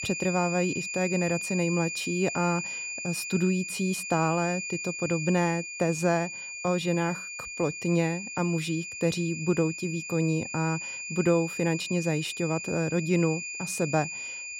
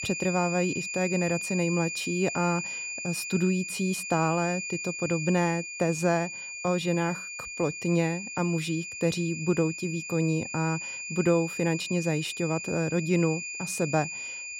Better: neither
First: high-pitched whine; loud; throughout; 2.5 kHz, 6 dB below the speech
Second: high-pitched whine; loud; throughout; 2.5 kHz, 6 dB below the speech

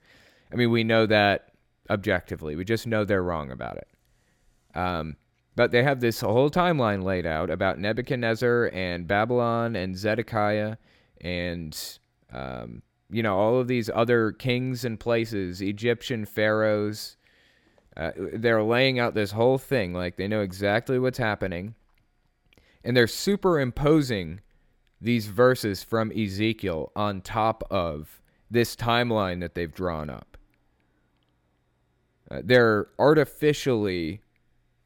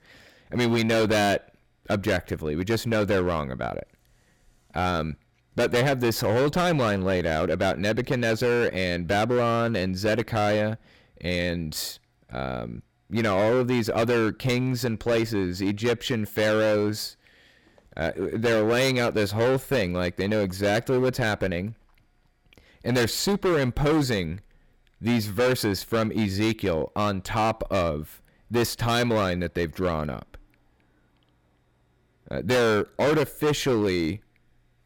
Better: first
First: none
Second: distortion; heavy; 12% of the sound clipped

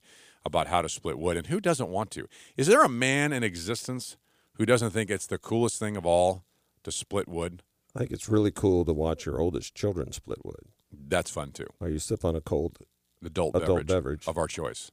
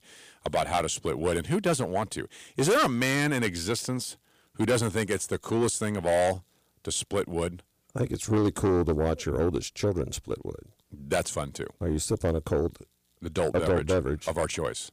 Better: first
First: none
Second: distortion; heavy; 8 dB below the speech

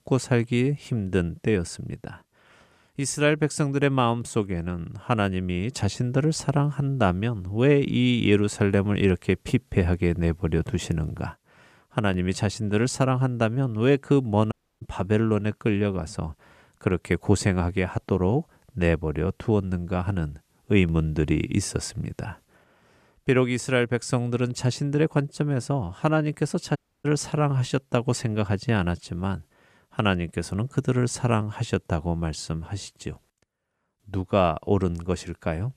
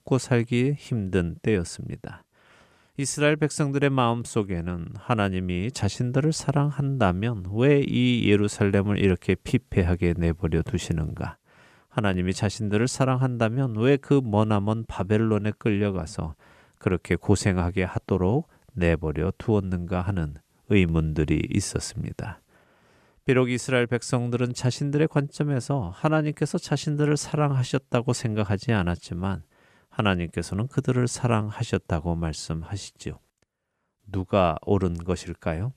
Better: second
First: audio cutting out; at 15 s and at 27 s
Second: none

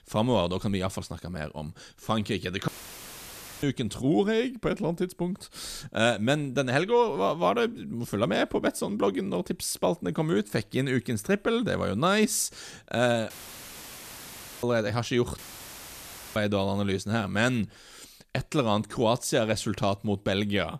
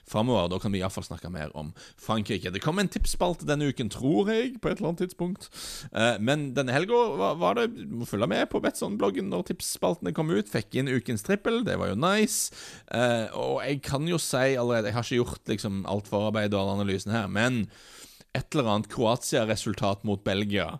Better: second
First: audio cutting out; filled with static; at 2.5 s for 1 s, at 13 s for 1.5 s and at 15 s for 1 s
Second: none

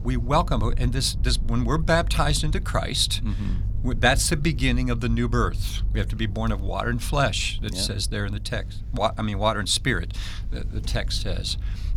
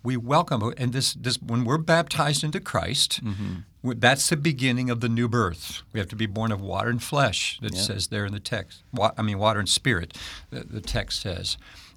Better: second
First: low rumble; faint; throughout; 25 dB below the speech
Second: none

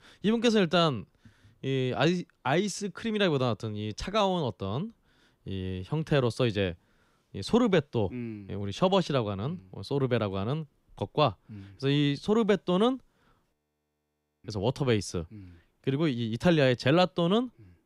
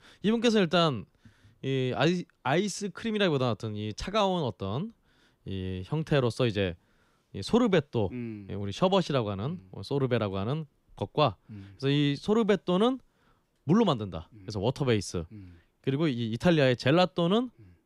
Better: second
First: audio freezing; at 14 s for 1 s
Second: none

